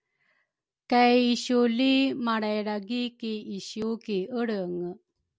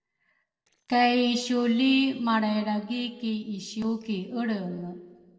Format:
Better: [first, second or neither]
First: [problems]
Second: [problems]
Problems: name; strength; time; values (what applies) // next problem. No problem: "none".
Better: first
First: none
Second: noise reduction (neural separator model SepFormer DNS4)